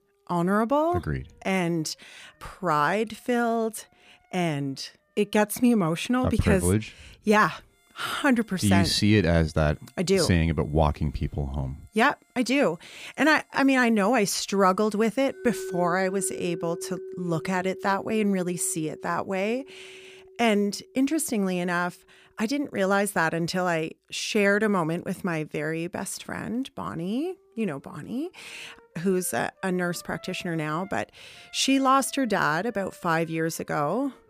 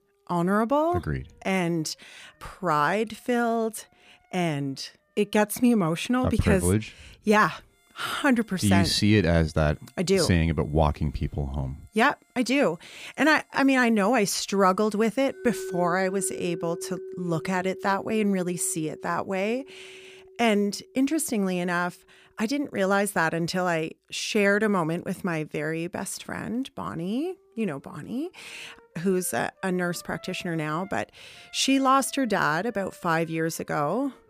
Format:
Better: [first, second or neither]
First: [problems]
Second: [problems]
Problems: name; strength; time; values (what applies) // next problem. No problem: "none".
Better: neither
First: background music; noticeable; throughout; 15 dB below the speech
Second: background music; noticeable; throughout; 15 dB below the speech